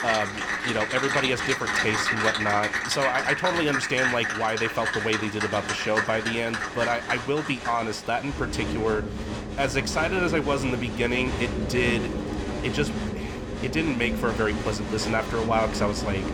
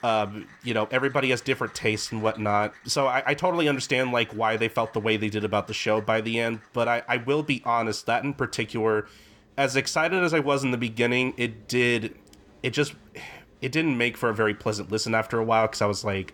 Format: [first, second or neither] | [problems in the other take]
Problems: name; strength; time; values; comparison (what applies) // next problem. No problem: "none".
second | crowd noise; loud; throughout; 2 dB below the speech; faint in the second